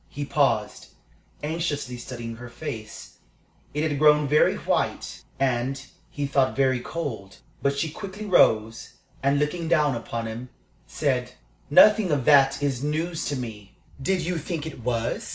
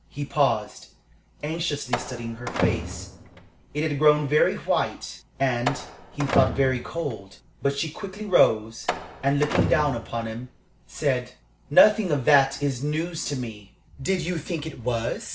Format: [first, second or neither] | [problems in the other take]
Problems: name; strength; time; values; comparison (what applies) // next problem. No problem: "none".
first | background sound (Slam); 7 dB below the speech